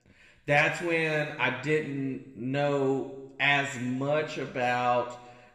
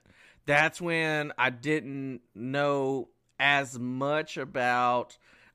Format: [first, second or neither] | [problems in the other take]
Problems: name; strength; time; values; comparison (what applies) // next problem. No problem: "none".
second | room echo; noticeable; dies away in 0.9 s // off-mic speech; somewhat distant